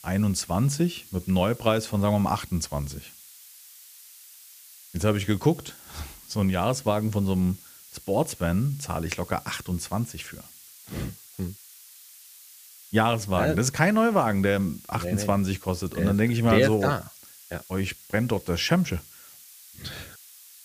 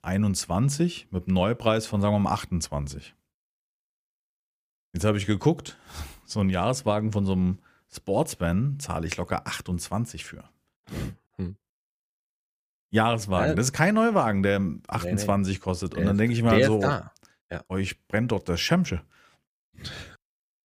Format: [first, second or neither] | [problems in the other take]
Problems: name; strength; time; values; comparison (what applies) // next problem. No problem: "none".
second | hiss; faint; throughout; 20 dB below the speech